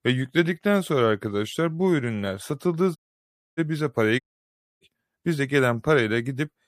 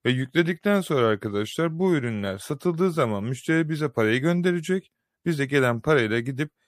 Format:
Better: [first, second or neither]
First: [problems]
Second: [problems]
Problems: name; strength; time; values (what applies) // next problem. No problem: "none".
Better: second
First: audio cutting out; at 3 s for 0.5 s and at 4 s for 0.5 s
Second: none